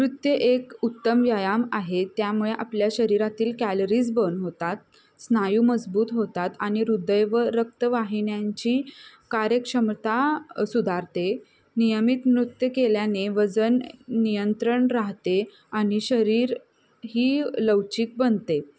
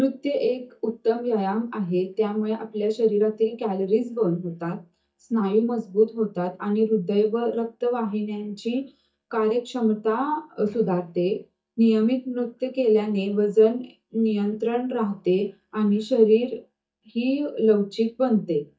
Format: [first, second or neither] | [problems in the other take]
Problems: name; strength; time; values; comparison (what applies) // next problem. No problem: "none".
first | noise reduction (neural mask model DeepFilterNet 3)